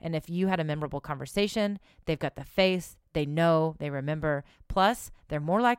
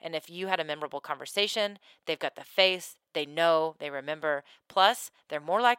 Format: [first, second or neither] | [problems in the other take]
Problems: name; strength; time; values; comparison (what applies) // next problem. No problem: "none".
first | thin; very; fading below 500 Hz